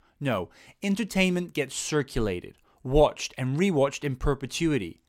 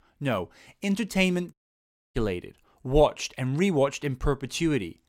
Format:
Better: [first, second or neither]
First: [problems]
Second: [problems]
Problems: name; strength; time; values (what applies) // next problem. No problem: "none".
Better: first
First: none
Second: audio cutting out; at 1.5 s for 0.5 s